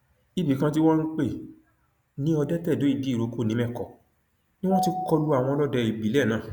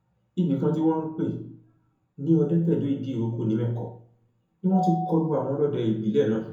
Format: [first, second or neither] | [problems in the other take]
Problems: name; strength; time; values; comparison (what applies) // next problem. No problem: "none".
first | room echo; dies away in 0.6 s